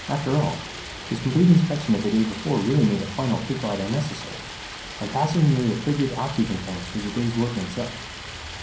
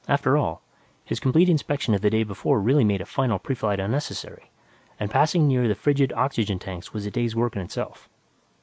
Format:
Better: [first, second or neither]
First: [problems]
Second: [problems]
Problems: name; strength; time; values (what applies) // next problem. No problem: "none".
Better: second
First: background sound (Stream); 12 dB below the speech // room echo; dies away in 0.6 s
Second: none